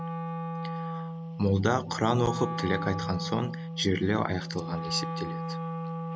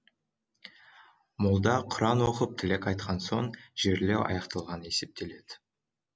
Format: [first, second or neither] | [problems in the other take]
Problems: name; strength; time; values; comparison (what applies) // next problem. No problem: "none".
second | background sound (Wind instrument, woodwind instrument); 4 dB below the speech